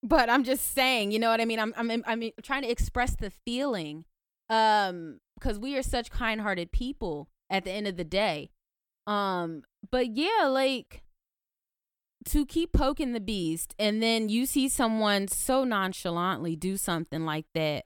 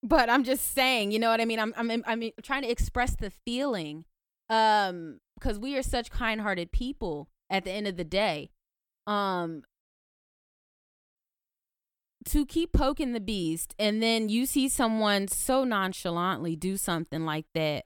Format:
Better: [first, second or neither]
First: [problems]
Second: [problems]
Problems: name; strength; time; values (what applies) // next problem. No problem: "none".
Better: first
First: none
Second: audio cutting out; at 10 s for 1.5 s